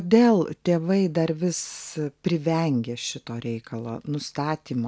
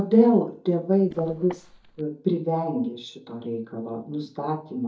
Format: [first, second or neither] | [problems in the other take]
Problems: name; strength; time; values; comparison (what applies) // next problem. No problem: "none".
first | noise reduction (neural mask model DeepFilterNet 3)